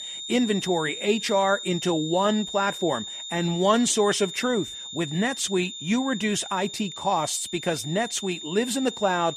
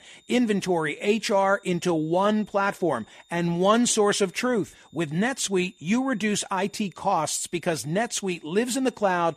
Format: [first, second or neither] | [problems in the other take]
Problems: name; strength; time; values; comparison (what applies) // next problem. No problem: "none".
second | high-pitched whine; loud; throughout; 3.5 kHz, 9 dB below the speech; faint in the second